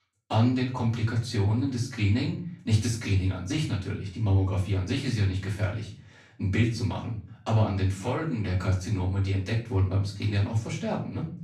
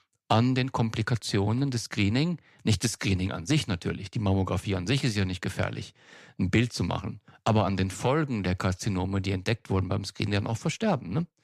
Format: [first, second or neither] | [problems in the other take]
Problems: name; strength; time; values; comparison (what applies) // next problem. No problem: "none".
second | room echo; slight; dies away in 0.4 s // off-mic speech; far